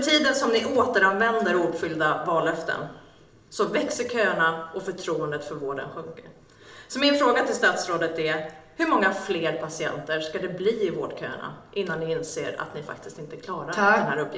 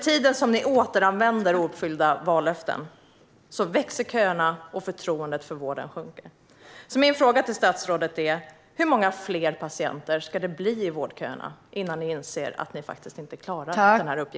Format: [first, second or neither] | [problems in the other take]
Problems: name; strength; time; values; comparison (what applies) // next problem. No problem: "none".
second | room echo; dies away in 0.6 s